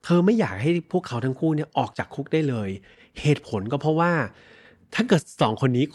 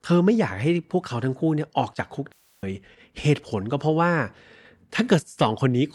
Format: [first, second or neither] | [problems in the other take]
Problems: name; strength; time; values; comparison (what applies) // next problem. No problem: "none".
first | audio cutting out; at 2.5 s